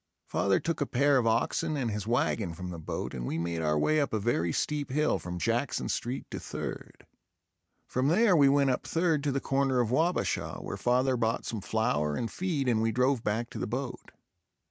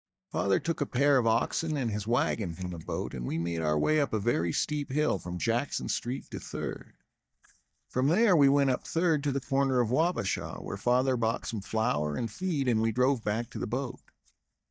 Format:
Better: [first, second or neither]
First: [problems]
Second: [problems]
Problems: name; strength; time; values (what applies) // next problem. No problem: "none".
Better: first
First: none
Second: noise reduction (neural mask model DeepFilterNet 3)